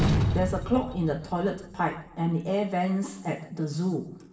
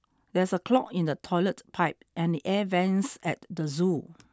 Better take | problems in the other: second | background sound (Slam); 3 dB below the speech // room echo; dies away in 0.8 s

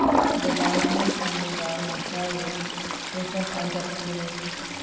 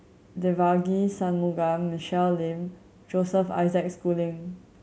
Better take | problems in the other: second | background sound (Toilet flush); 4 dB above the speech // room echo; dies away in 2.5 s

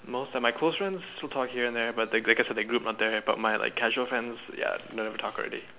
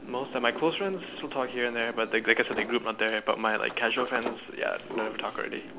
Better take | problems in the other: first | background sound (Sliding door); 12 dB below the speech

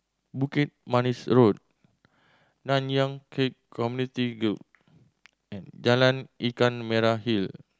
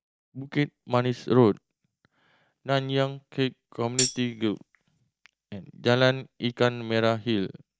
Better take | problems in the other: first | noise reduction (neural mask model DeepFilterNet 3)

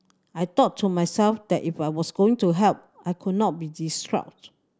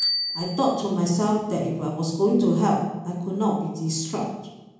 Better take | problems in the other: first | background sound (Bicycle bell); 11 dB below the speech // room echo; dies away in 1 s

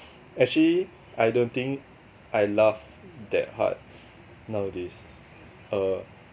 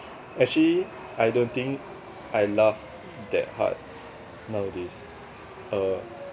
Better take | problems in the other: first | background sound (Chatter / Subway, metro, underground); 15 dB below the speech

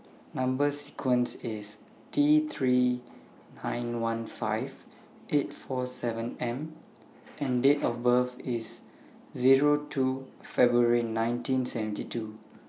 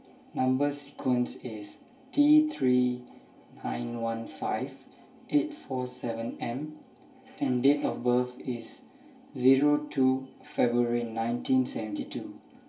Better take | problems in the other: first | room echo; dies away in 0.1 s

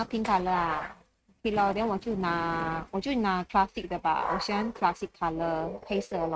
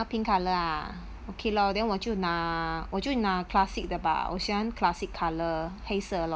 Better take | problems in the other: second | noise reduction (neural mask model RNNoise)

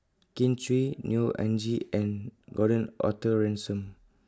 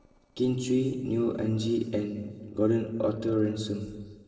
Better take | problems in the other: first | noise reduction (neural separator model SepFormer DNS4)

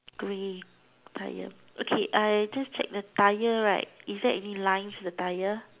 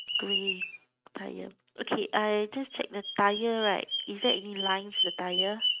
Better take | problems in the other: first | noise reduction (neural mask model RNNoise)

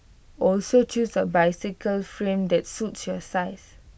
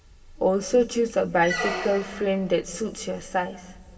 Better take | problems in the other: first | background sound (Squeak); 9 dB below the speech // room echo; dies away in 2.9 s

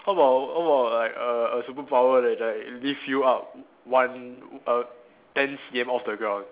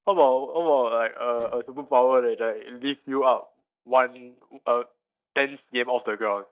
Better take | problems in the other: first | noise reduction (neural mask model DeepFilterNet 3)

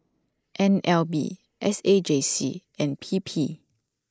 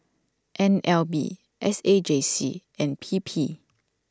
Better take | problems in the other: second | noise reduction (neural mask model Resemble Enhance denoiser)

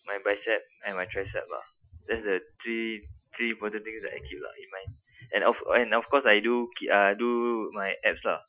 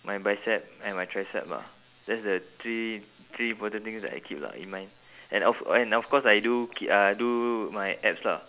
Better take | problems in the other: second | noise reduction (classical method Wiener filter)

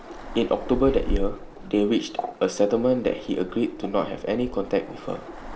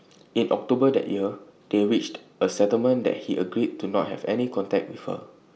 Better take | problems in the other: second | background sound (Waves, surf); 8 dB below the speech

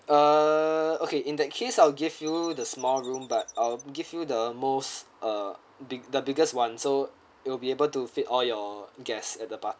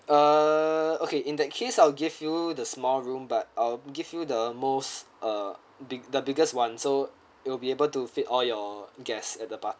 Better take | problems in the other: second | background sound (Chirp, tweet); 19 dB below the speech

